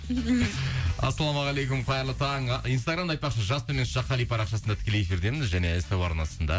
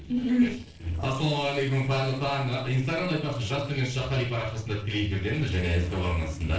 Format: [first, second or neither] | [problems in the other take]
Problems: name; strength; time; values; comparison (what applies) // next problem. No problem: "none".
first | noise reduction (neural separator model SepFormer DNS4)